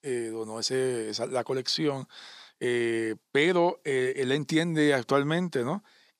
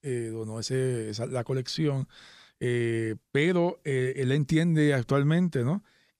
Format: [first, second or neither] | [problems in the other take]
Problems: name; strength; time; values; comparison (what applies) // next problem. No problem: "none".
second | thin; somewhat; fading below 250 Hz